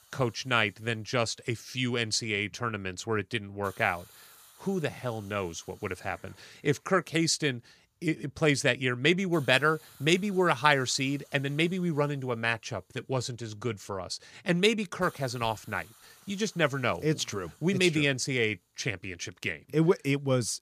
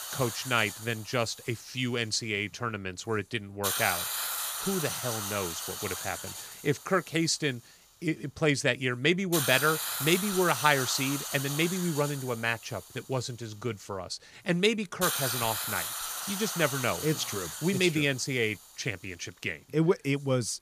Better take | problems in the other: first | hiss; loud; throughout; 3 dB below the speech; faint in the first

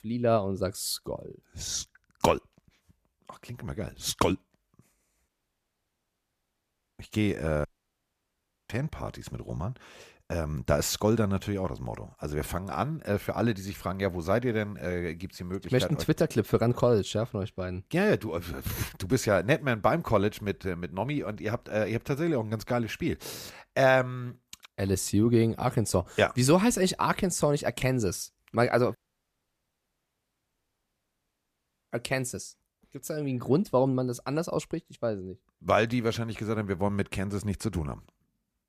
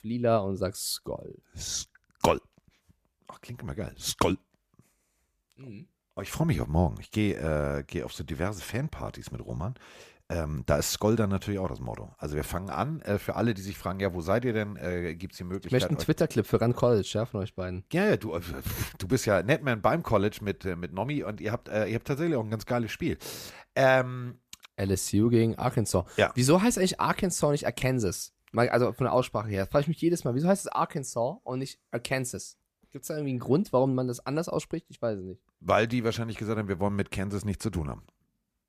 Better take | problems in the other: second | audio cutting out; at 5.5 s for 1.5 s, at 7.5 s for 1 s and at 29 s for 3 s

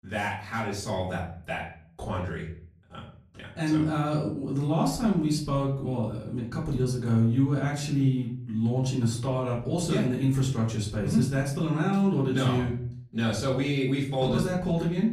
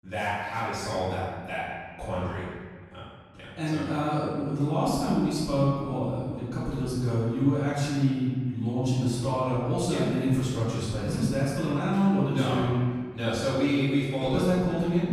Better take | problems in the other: first | room echo; strong; dies away in 1.6 s; slight in the first // off-mic speech; far; far in the first

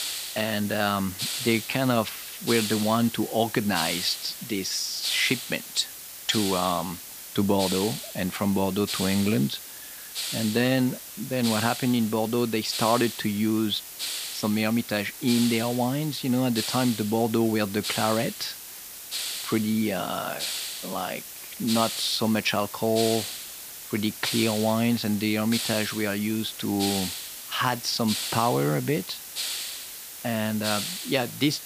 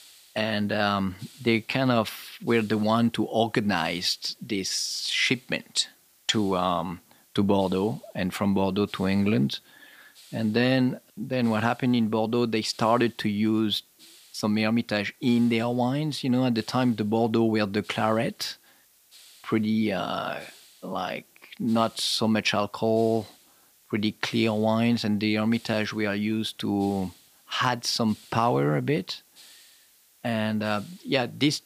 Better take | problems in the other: second | hiss; loud; throughout; 6 dB below the speech; faint in the second

